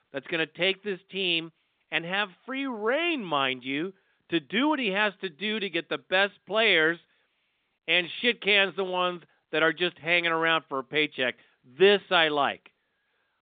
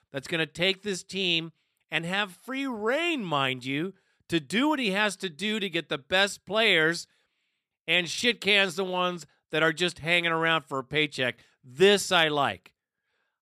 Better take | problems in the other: second | phone-call audio; nothing above 3.5 kHz

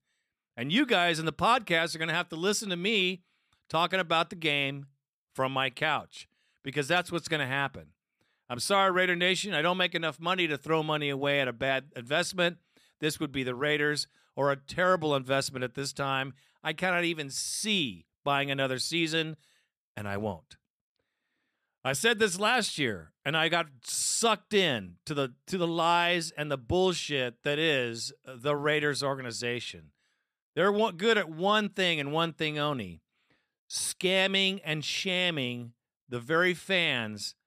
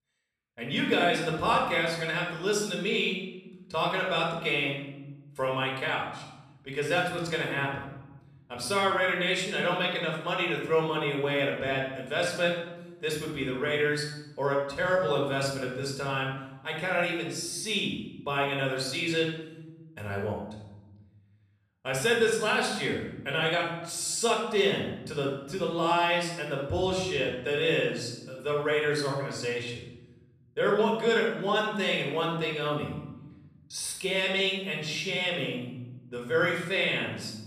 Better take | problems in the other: first | off-mic speech; far // room echo; noticeable; dies away in 0.9 s

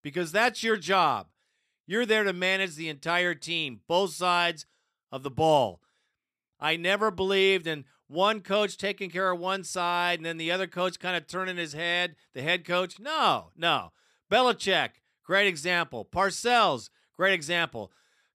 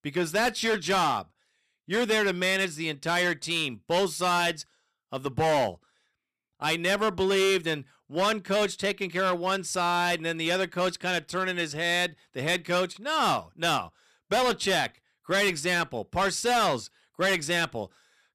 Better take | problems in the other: first | distortion; heavy; 11% of the sound clipped

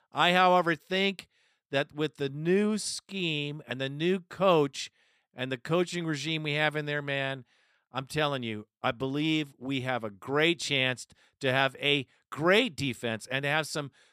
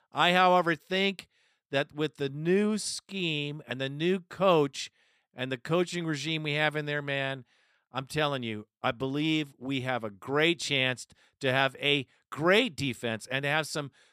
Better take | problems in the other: neither | none

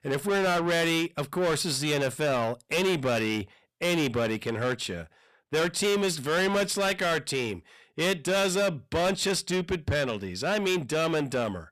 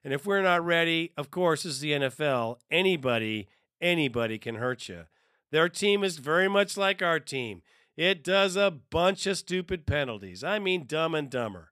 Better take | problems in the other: second | distortion; heavy; 6 dB below the speech

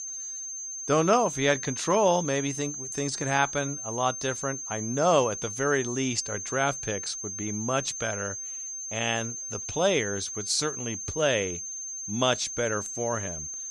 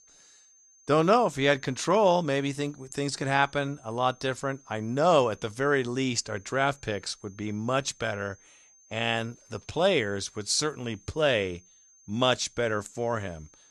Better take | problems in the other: second | high-pitched whine; loud; throughout; 6.5 kHz, 6 dB below the speech; faint in the second

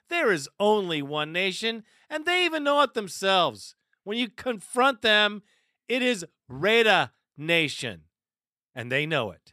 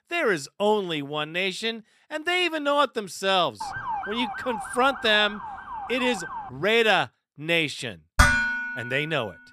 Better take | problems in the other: first | siren; noticeable; from 3.5 to 6.5 s; peak 6 dB below the speech // clattering dishes; loud; at 8 s; peak 5 dB above the speech

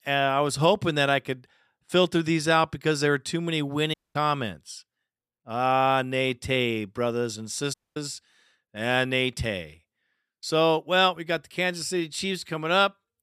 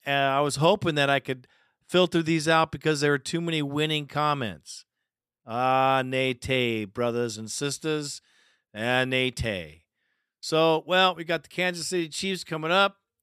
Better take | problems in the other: second | audio cutting out; at 4 s and at 7.5 s

